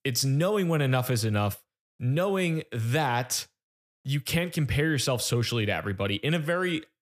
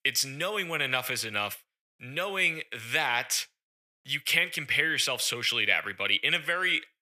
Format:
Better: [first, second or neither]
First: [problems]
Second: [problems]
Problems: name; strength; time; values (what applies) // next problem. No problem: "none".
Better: first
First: none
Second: thin; very; fading below 1 kHz